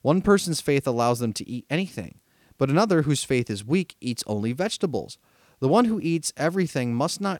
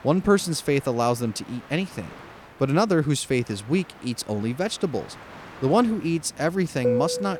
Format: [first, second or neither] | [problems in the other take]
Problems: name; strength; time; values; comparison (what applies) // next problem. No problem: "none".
first | train or aircraft noise; noticeable; throughout; 10 dB below the speech